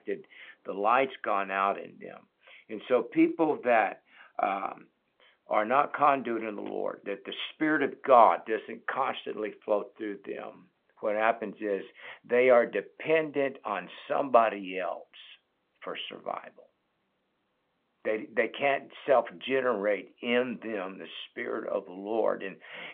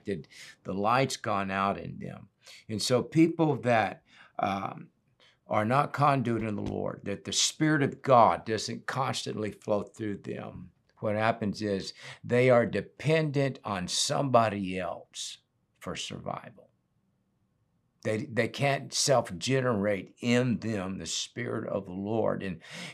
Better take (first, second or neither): second